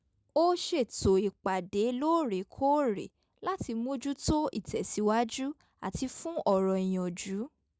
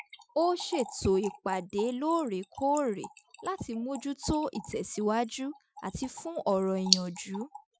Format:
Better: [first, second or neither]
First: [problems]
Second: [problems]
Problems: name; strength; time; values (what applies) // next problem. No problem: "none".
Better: first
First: none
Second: noise reduction (classical method Wiener filter)